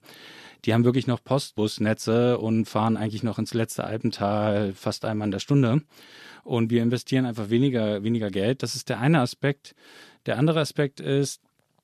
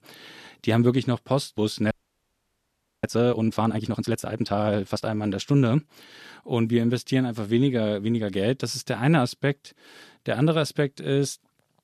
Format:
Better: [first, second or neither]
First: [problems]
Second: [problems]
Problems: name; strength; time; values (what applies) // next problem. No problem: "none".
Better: first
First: none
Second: audio freezing; at 2 s for 1 s